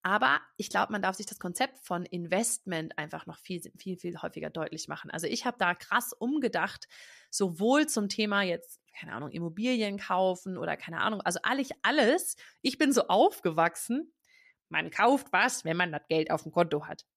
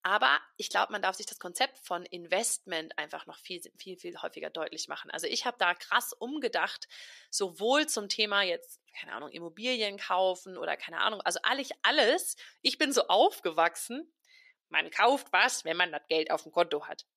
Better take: first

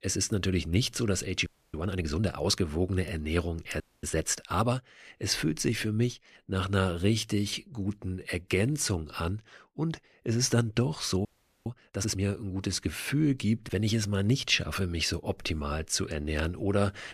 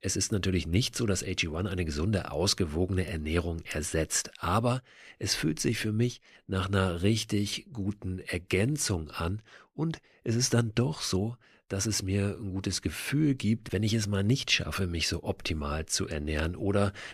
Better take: second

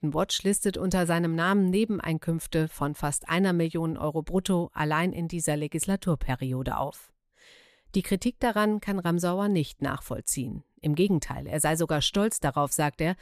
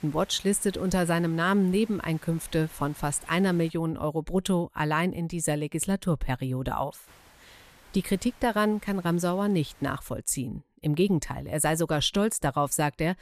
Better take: first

